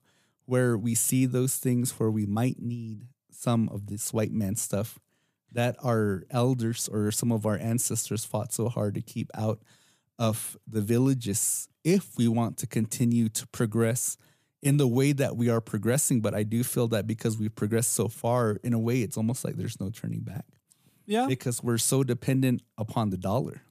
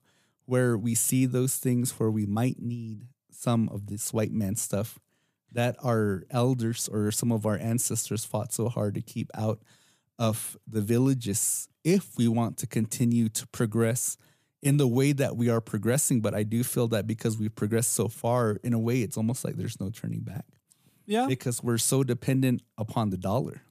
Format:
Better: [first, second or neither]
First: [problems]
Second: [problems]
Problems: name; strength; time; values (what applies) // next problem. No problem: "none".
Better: neither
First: none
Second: none